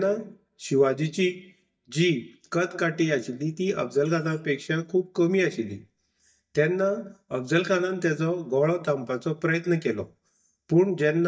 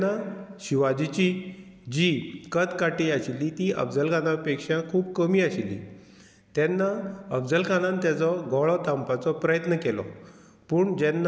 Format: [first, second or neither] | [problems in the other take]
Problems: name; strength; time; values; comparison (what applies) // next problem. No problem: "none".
second | noise reduction (neural mask model DeepFilterNet 3)